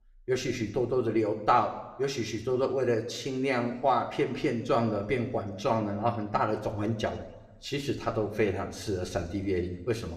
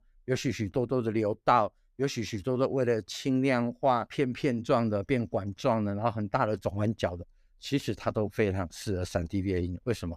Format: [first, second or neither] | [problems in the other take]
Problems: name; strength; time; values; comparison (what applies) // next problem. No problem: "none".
second | room echo; very slight; dies away in 0.8 s